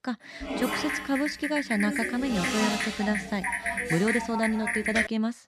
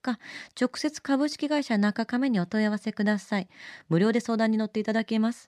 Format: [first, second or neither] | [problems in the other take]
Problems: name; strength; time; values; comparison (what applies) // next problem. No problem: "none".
second | keyboard typing; loud; peak 3 dB above the speech